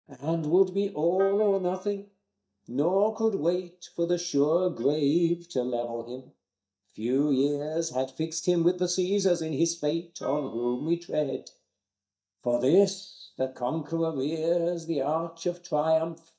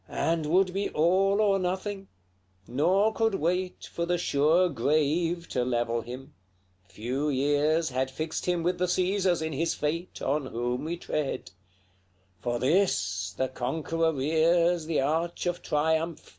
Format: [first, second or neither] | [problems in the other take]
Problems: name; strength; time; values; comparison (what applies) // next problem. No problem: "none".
second | noise reduction (neural mask model DeepFilterNet 3)